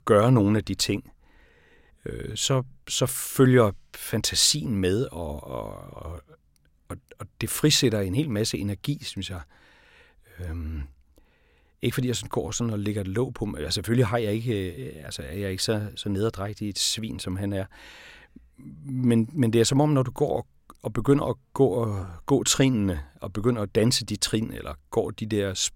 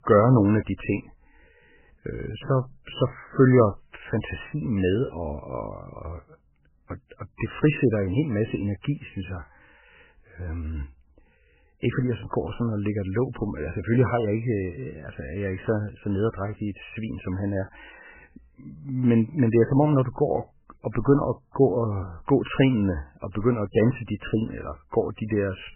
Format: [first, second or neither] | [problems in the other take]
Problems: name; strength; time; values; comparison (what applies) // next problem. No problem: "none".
first | garbled, watery; badly; nothing above 3 kHz